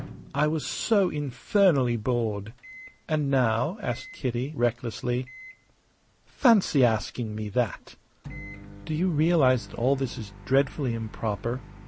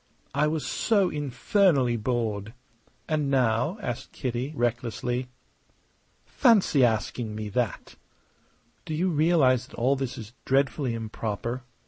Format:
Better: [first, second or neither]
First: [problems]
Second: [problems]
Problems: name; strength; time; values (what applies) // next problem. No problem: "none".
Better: second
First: background sound (Microwave oven); 19 dB below the speech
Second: none